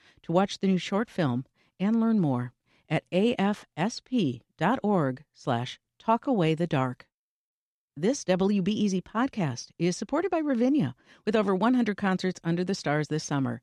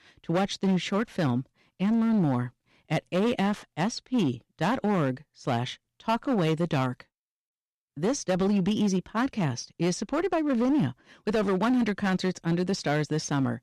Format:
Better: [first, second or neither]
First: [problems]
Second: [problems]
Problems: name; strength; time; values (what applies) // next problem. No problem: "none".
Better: first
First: none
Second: distortion; slight; 10% of the sound clipped